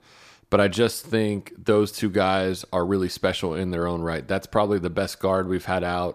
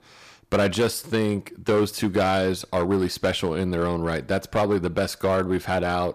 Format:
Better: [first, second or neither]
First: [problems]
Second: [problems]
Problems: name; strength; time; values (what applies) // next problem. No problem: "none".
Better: first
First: none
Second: distortion; slight; 7% of the sound clipped